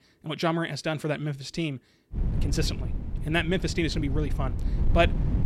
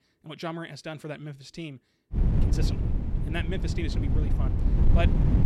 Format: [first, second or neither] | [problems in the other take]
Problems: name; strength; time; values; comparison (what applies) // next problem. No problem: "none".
first | wind noise on the microphone; heavy; from 2 s on; 2 dB below the speech; occasional gusts in the first